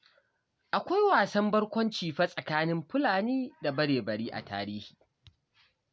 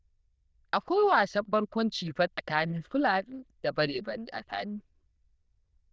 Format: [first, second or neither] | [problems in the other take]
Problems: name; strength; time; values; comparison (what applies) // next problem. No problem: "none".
first | noise reduction (neural diffusion model UNIVERSE++)